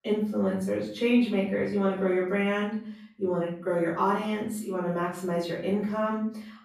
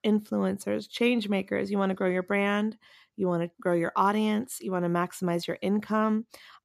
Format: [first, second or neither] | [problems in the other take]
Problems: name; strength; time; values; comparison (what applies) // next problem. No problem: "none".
second | off-mic speech; far // room echo; noticeable; dies away in 0.5 s